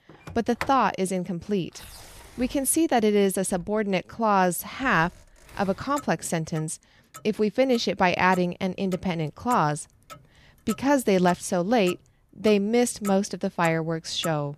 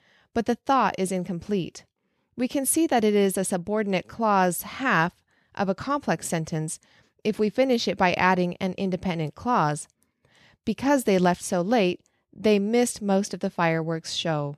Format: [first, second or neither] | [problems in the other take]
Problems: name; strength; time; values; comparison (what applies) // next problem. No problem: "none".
second | household noises; noticeable; throughout; 20 dB below the speech